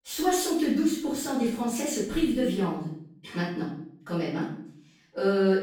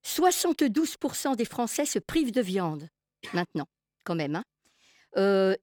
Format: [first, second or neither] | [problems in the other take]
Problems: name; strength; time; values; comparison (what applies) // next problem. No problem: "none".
second | room echo; noticeable; dies away in 0.6 s // off-mic speech; far